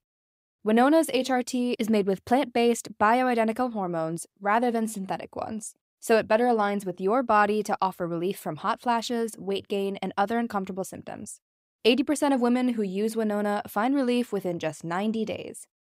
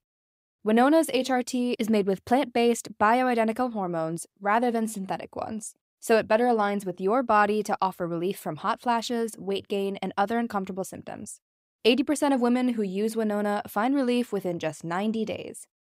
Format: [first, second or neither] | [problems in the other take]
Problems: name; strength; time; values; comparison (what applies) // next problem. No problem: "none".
neither | none